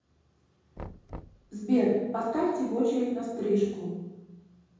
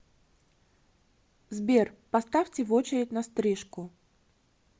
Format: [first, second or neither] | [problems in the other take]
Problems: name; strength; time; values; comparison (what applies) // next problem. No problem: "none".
second | background sound (Knock); 19 dB below the speech // room echo; dies away in 1.3 s